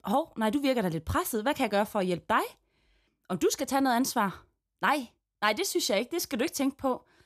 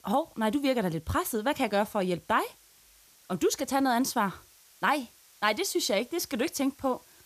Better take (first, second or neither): first